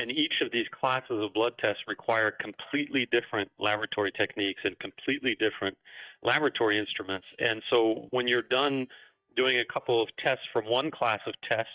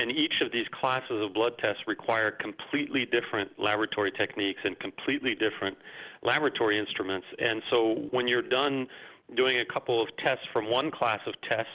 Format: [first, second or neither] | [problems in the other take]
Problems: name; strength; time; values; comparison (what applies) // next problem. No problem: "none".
second | noise reduction (neural mask model DeepFilterNet 3)